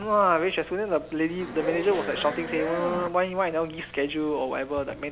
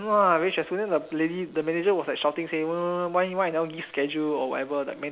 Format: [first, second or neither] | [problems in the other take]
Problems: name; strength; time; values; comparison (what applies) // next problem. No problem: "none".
second | background sound (Zipper (clothing)); 11 dB below the speech